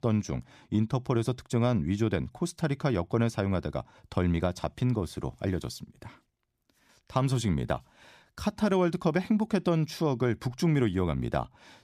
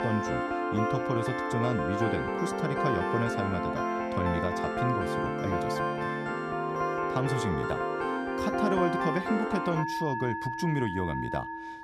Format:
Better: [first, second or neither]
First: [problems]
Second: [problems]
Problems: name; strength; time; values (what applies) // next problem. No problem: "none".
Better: first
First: none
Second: background music; very loud; throughout; 2 dB above the speech